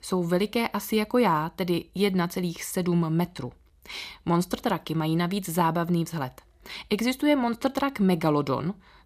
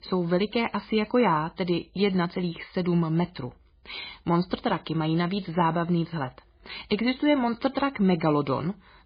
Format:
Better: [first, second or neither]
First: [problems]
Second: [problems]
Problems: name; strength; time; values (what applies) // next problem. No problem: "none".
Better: first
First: none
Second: garbled, watery; badly; nothing above 4.5 kHz